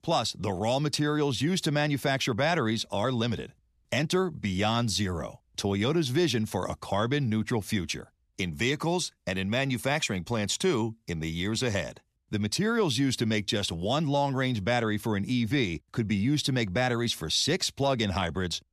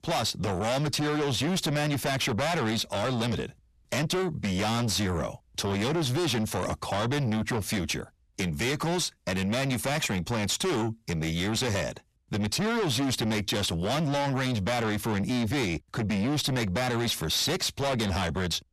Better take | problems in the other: first | distortion; heavy; 6 dB below the speech

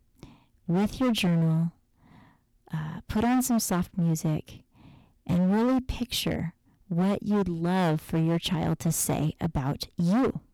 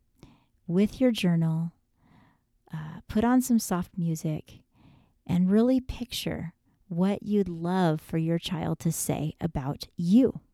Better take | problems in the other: second | distortion; heavy; 16% of the sound clipped

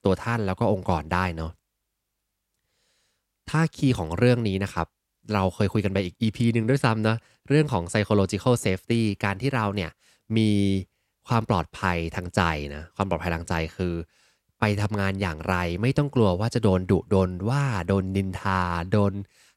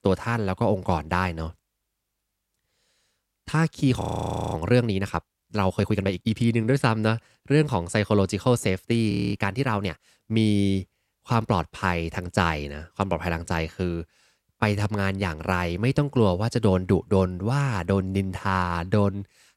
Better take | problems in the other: first | audio freezing; at 4 s for 0.5 s and at 9 s

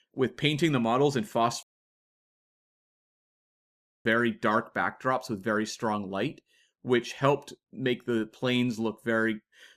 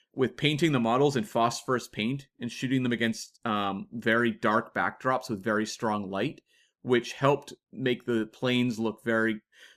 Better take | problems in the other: second | audio cutting out; at 1.5 s for 2.5 s

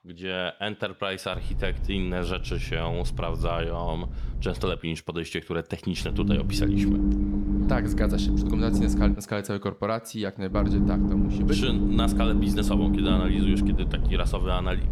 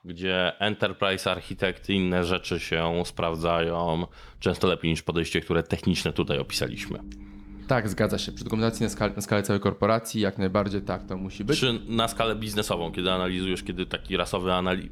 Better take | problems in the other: second | low rumble; loud; from 1.5 to 5 s, from 6 to 9 s and from 11 s on; 1 dB below the speech; faint in the second

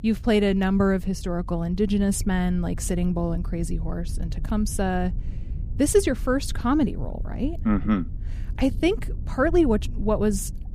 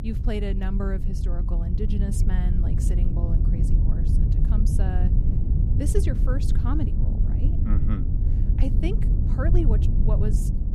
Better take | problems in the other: first | low rumble; loud; throughout; 2 dB below the speech; faint in the first

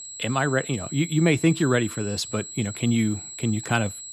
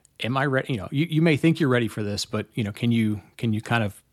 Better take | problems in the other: second | high-pitched whine; noticeable; throughout; 7.5 kHz, 10 dB below the speech

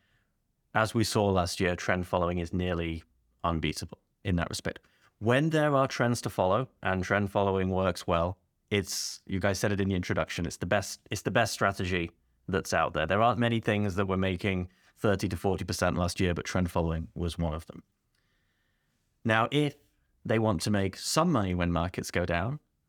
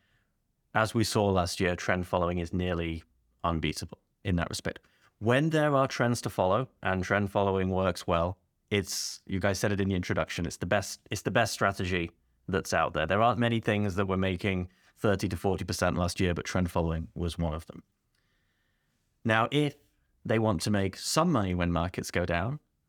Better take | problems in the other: neither | none

